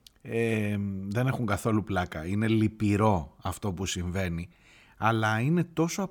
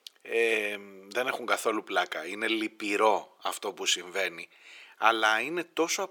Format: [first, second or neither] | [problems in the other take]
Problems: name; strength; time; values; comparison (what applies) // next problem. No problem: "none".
first | thin; very; fading below 400 Hz